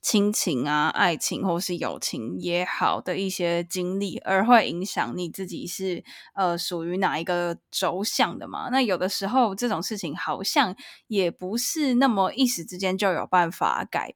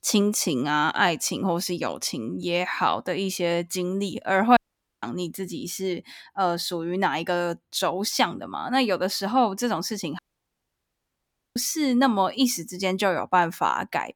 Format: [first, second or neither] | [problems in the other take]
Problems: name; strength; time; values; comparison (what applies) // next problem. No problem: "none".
first | audio cutting out; at 4.5 s and at 10 s for 1.5 s